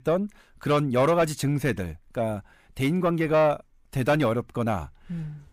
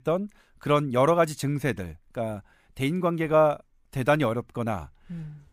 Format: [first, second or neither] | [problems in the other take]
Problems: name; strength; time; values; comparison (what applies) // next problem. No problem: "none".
second | distortion; slight; 10 dB below the speech